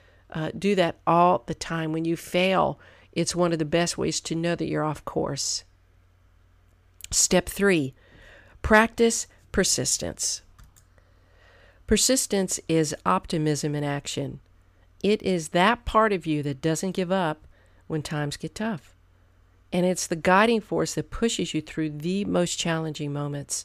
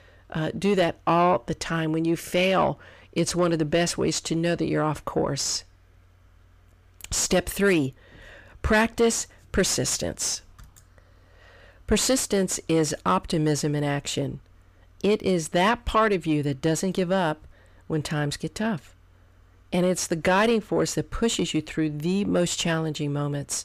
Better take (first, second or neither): first